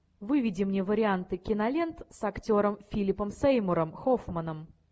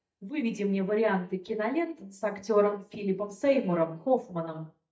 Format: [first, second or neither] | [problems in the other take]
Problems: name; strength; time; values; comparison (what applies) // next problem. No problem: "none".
first | noise reduction (neural mask model DeepFilterNet 3)